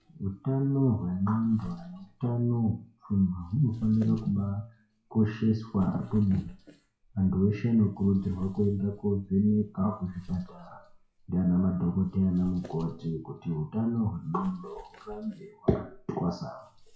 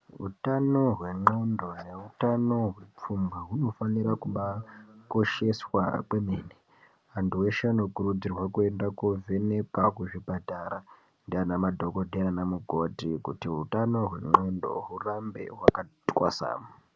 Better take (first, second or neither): second